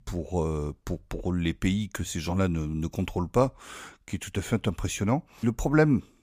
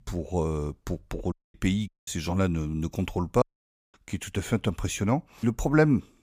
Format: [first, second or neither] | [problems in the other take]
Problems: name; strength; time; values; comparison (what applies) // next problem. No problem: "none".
first | audio cutting out; at 1.5 s, at 2 s and at 3.5 s for 0.5 s